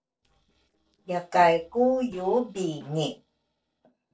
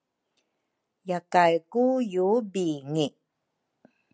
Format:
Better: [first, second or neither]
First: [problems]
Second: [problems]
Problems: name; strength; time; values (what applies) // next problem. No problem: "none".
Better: second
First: noise reduction (neural separator model SepFormer DNS4)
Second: none